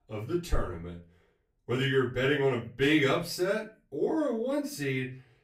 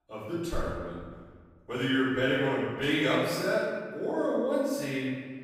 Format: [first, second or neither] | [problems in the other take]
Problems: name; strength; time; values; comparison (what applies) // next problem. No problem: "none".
first | room echo; strong; dies away in 1.5 s; slight in the first // off-mic speech; far; far in the first